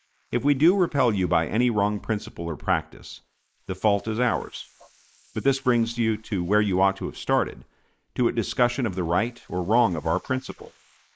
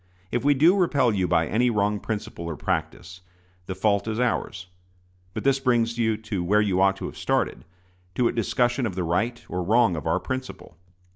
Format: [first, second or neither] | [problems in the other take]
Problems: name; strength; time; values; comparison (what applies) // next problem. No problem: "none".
second | noise reduction (neural mask model Resemble Enhance denoiser)